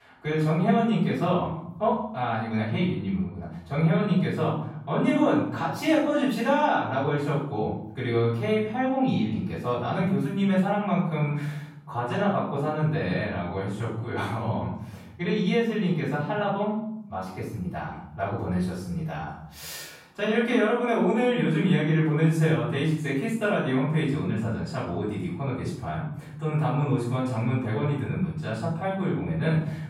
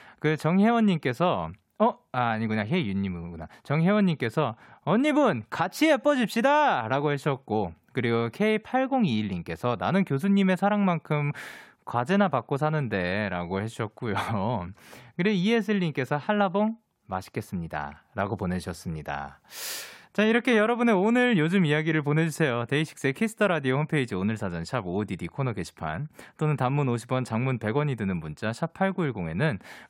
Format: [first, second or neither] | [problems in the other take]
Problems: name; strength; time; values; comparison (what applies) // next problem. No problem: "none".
second | off-mic speech; far // room echo; noticeable; dies away in 0.8 s